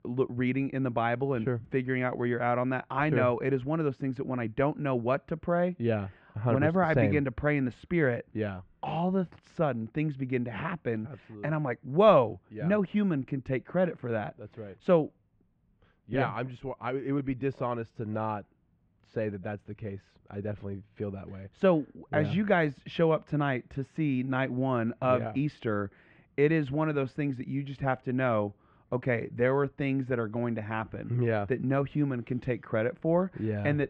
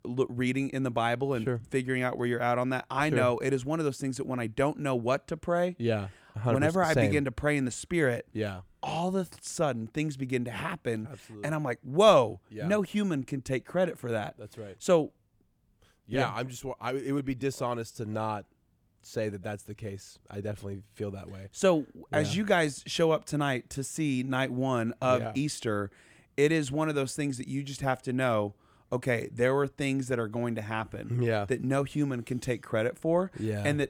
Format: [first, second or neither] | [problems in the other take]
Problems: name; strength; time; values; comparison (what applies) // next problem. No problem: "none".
second | muffled; very; fading above 2.5 kHz